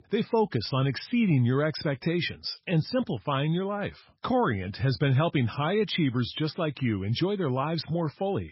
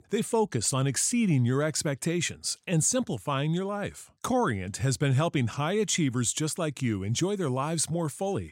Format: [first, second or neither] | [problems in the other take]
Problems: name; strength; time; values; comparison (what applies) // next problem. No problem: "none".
second | garbled, watery; badly; nothing above 5.5 kHz